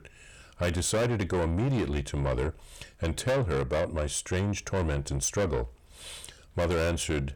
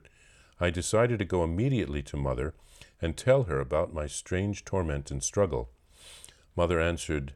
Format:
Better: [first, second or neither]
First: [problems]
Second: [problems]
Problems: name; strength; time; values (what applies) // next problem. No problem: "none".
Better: second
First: distortion; heavy; 7 dB below the speech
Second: none